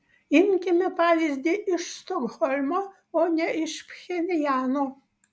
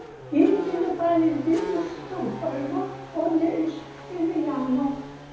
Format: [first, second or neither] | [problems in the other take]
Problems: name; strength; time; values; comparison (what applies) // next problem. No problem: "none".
first | background sound (Race car, auto racing / Accelerating, revving, vroom); 13 dB below the speech // room echo; dies away in 2 s